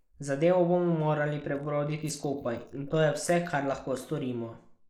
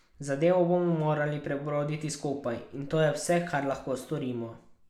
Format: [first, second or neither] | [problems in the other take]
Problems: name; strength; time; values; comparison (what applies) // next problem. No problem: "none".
second | noise reduction (neural mask model Resemble Enhance denoiser)